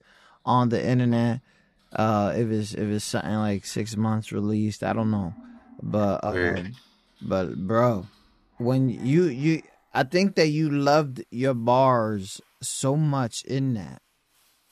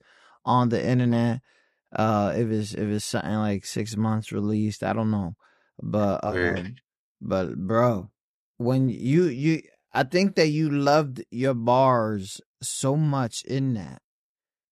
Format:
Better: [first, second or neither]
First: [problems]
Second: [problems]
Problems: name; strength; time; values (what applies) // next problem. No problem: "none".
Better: second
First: household noises; faint; throughout; 30 dB below the speech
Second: none